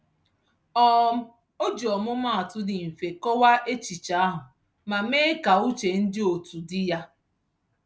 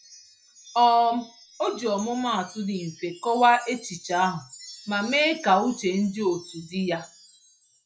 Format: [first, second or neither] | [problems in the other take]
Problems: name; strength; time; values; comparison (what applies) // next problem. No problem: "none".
first | noise reduction (classical method log-MMSE)